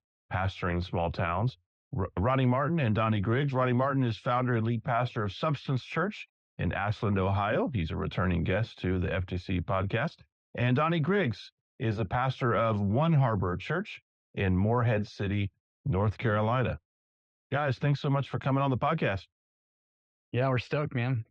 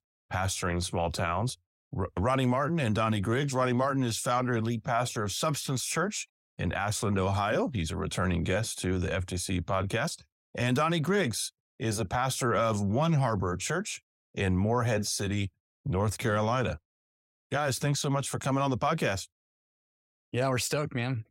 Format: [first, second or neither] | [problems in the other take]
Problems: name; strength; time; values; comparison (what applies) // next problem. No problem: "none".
second | muffled; very; fading above 3.5 kHz